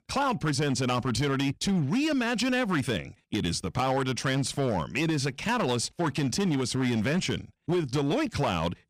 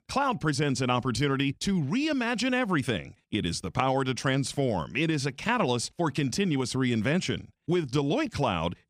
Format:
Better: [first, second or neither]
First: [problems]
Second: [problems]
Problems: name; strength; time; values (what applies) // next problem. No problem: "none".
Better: second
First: distortion; slight; 11% of the sound clipped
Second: none